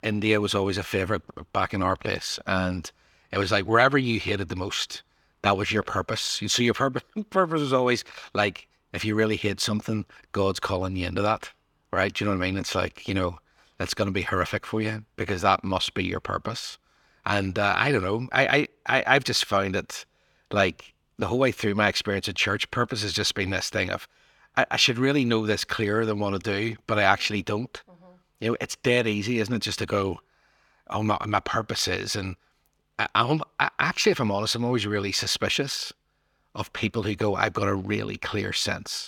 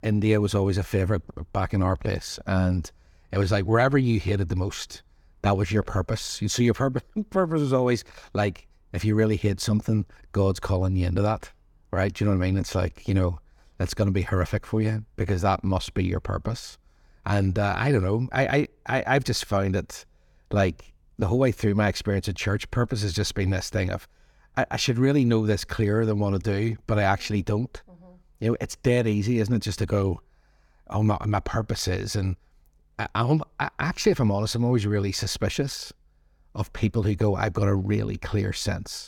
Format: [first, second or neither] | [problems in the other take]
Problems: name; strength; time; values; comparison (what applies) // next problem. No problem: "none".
second | thin; very slightly; fading below 250 Hz